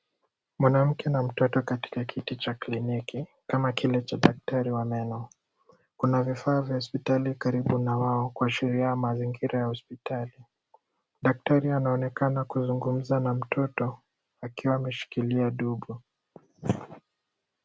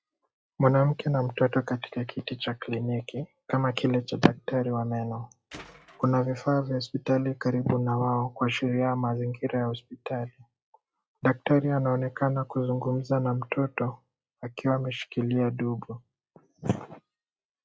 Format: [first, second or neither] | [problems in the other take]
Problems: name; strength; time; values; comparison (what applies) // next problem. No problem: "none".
first | noise reduction (classical method log-MMSE)